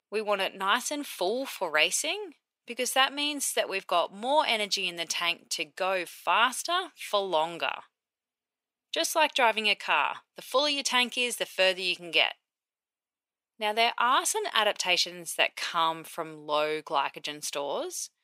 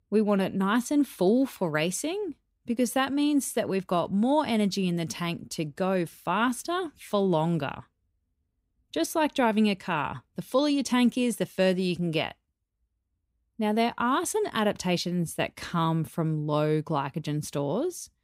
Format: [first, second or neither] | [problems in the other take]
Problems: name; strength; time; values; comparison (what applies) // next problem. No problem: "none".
second | thin; very; fading below 700 Hz